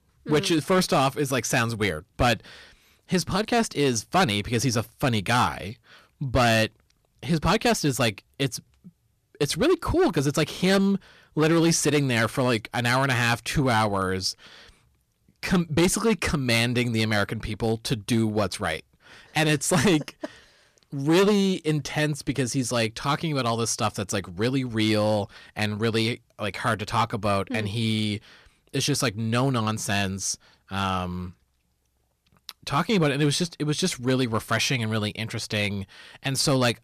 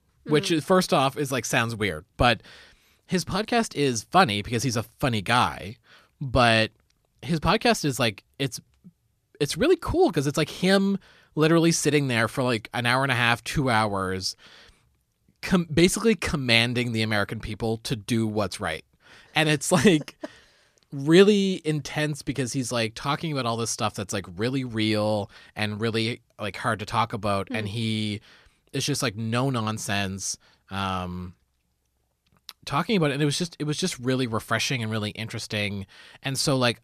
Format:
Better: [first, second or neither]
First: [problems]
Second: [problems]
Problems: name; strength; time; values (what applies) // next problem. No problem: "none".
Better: second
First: distortion; slight; 5% of the sound clipped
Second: none